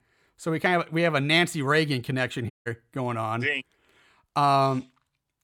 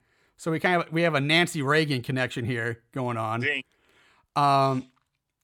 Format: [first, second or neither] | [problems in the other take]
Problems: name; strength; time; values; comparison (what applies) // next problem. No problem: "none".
second | audio cutting out; at 2.5 s